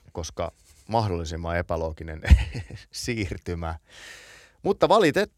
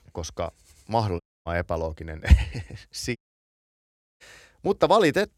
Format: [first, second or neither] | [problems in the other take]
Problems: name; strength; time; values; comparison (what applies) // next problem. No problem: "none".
first | audio cutting out; at 1 s and at 3 s for 1 s